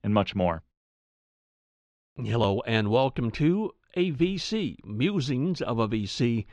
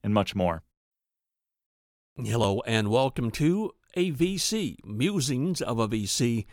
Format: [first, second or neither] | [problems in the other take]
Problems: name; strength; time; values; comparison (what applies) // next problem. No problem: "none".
second | muffled; very slightly; fading above 4 kHz